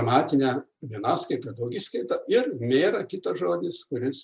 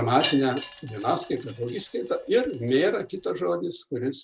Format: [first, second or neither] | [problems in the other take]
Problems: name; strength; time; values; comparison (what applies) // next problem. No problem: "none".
first | background sound (Wind chime); 14 dB below the speech